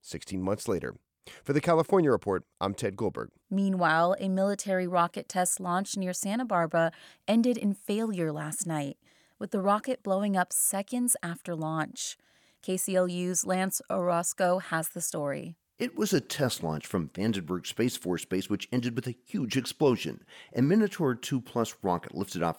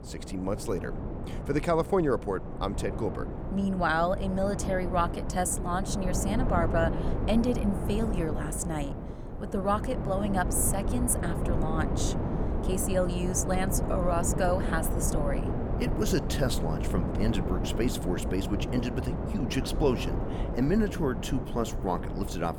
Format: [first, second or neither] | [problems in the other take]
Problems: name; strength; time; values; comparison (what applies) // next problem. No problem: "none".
first | wind noise on the microphone; heavy; 7 dB below the speech